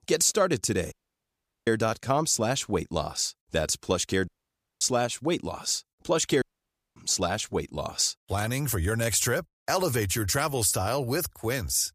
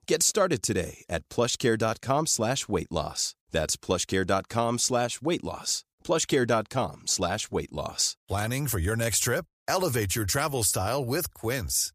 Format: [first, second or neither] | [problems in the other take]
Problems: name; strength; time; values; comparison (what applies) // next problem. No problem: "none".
second | audio cutting out; at 1 s for 0.5 s, at 4.5 s for 0.5 s and at 6.5 s for 0.5 s